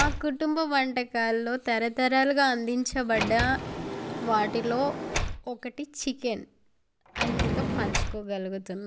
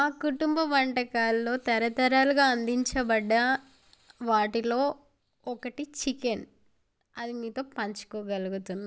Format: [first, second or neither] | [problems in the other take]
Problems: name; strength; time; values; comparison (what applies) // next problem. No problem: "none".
second | background sound (Sliding door); 5 dB below the speech